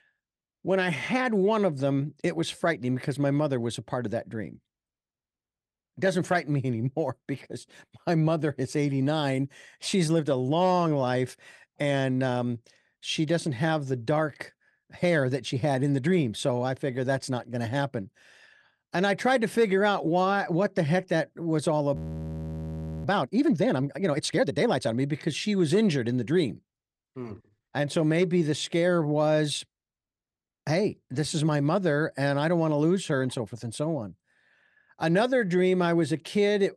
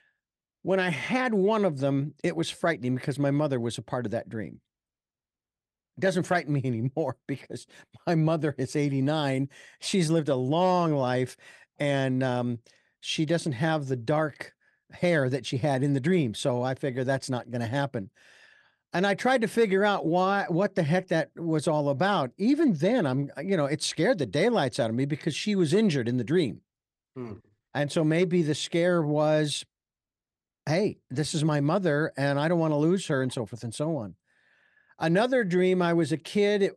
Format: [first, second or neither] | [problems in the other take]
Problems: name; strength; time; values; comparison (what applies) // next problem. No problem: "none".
second | audio freezing; at 22 s for 1 s